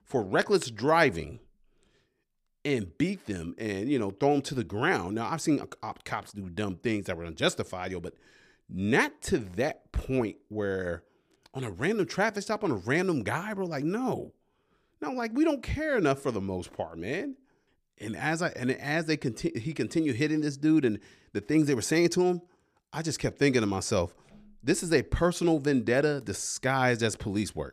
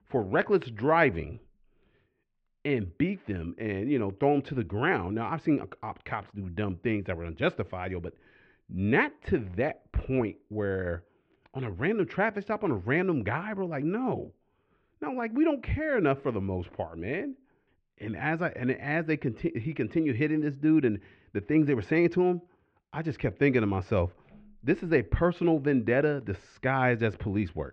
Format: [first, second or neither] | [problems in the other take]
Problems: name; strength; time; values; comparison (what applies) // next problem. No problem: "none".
first | muffled; very; fading above 2.5 kHz